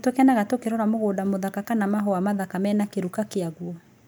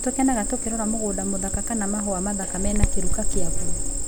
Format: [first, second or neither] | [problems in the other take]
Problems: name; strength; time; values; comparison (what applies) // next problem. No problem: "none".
first | background sound (Cricket); 4 dB above the speech